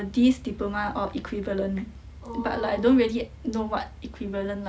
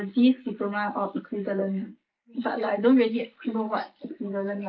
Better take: first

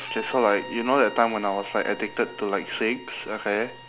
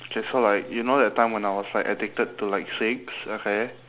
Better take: second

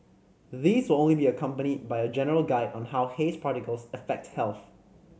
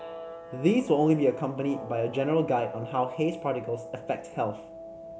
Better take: first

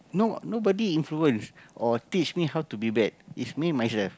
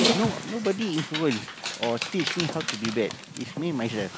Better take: first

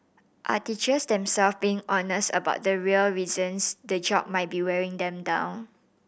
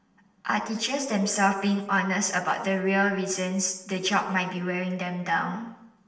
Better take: first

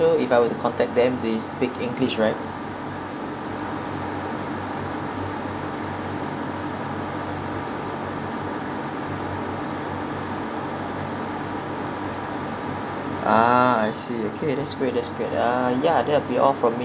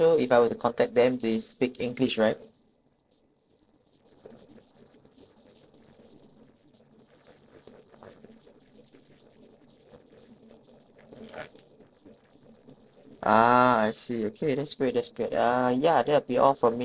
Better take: first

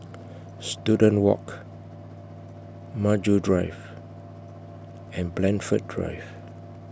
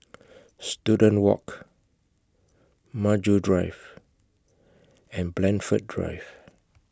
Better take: second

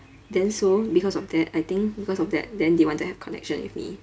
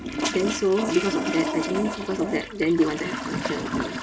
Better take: first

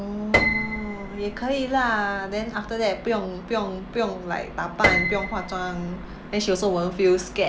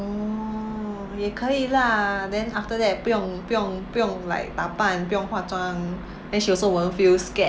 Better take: second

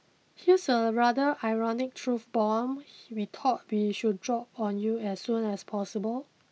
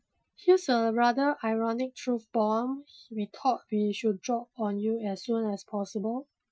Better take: first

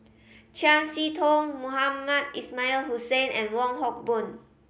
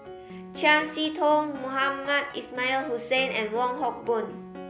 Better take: first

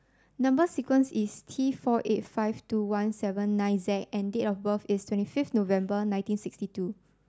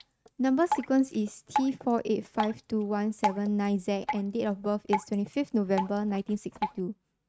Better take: first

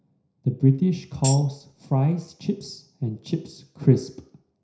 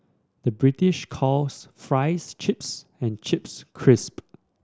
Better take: second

